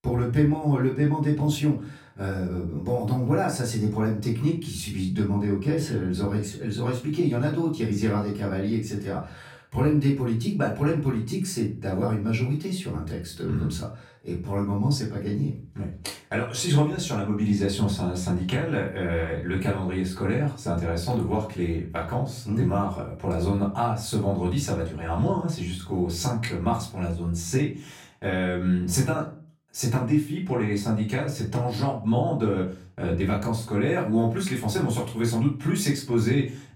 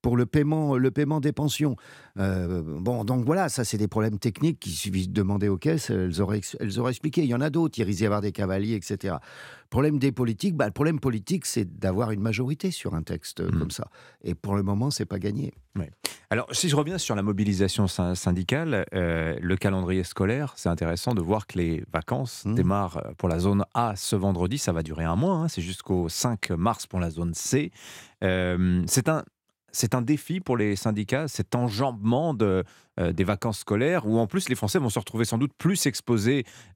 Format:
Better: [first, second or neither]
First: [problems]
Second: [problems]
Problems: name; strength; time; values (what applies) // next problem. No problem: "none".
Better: second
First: off-mic speech; far // room echo; slight; dies away in 0.3 s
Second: none